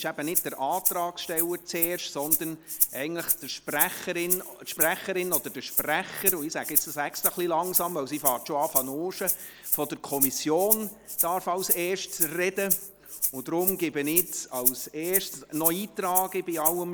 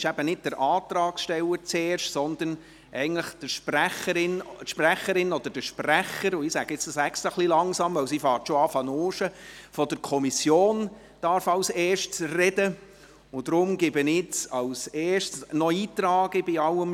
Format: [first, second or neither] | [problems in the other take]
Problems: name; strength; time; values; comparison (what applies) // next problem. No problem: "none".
second | noise reduction (neural mask model Resemble Enhance denoiser)